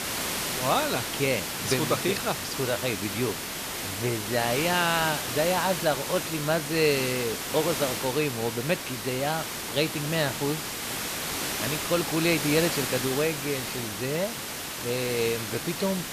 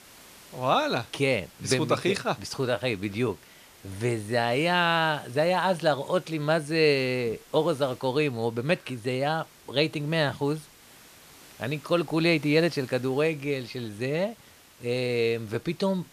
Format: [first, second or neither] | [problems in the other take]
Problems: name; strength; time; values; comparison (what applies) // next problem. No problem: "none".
second | hiss; loud; throughout; 2 dB below the speech; faint in the second